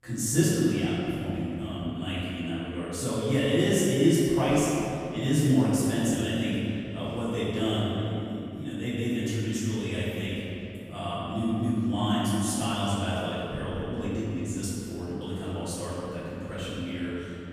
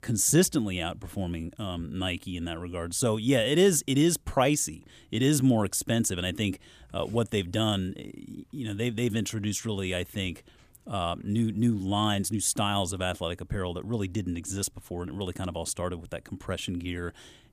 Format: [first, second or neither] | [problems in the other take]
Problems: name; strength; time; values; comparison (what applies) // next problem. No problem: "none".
second | room echo; strong; dies away in 2.8 s // off-mic speech; far